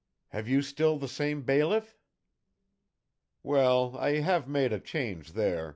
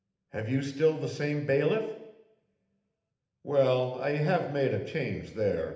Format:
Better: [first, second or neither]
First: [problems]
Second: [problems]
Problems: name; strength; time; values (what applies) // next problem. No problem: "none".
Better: first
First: none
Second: room echo; dies away in 0.8 s